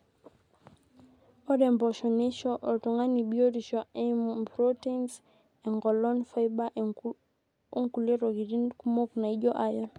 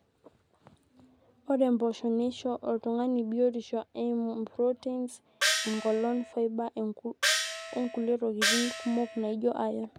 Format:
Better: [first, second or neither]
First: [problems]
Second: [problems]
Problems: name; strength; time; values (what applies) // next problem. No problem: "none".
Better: first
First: none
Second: background sound (Gong); as loud as the speech